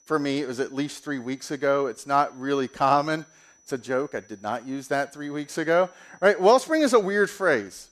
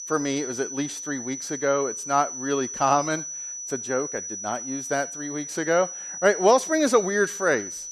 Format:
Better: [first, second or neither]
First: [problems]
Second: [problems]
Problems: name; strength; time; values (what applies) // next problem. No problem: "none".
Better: first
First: high-pitched whine; faint; throughout; 6 kHz, 30 dB below the speech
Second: high-pitched whine; loud; throughout; 6 kHz, 7 dB below the speech